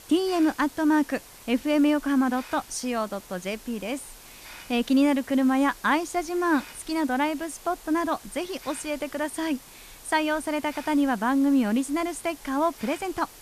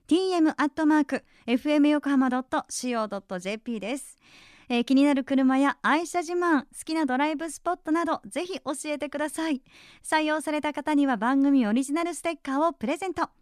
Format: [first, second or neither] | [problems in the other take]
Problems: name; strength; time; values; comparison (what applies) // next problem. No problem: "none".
second | hiss; noticeable; throughout; 20 dB below the speech